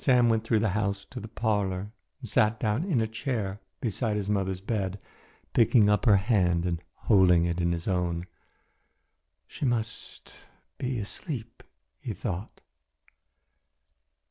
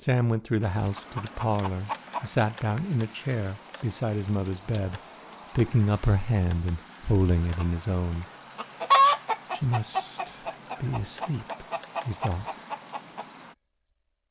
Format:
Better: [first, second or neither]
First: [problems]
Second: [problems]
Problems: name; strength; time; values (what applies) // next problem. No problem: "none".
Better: first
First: none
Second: background sound (Chicken, rooster); 5 dB below the speech